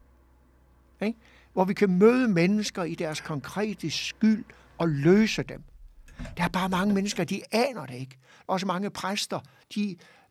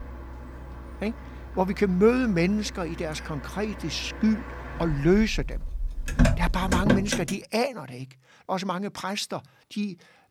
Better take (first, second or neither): first